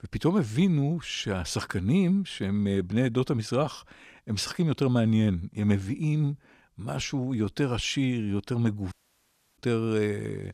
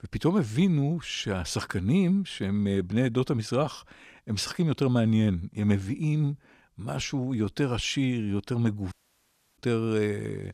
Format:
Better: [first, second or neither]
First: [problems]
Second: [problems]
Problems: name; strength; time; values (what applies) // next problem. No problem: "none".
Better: neither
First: audio cutting out; at 9 s for 0.5 s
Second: audio cutting out; at 9 s for 0.5 s